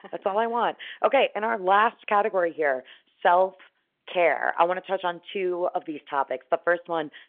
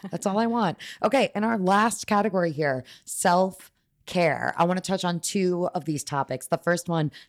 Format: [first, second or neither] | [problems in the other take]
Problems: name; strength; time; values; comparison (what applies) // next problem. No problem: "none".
second | phone-call audio; nothing above 3.5 kHz